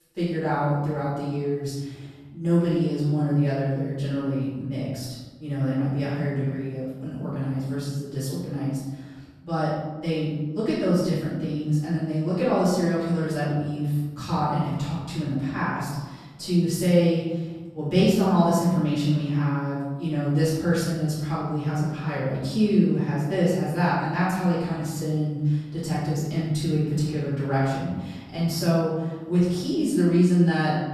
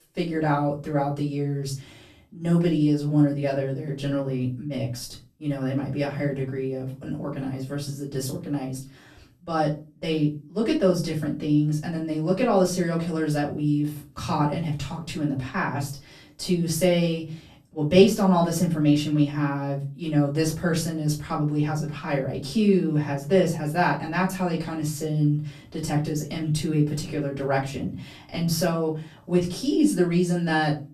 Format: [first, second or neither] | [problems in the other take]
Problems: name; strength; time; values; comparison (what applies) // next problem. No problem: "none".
second | room echo; strong; dies away in 1.1 s; slight in the second // off-mic speech; far; far in the second